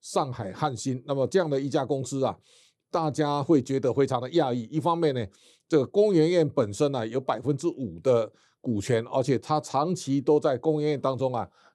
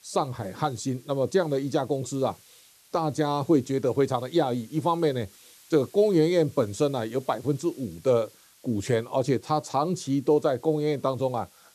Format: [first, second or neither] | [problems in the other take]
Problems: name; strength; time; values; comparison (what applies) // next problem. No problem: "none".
first | hiss; faint; throughout; 25 dB below the speech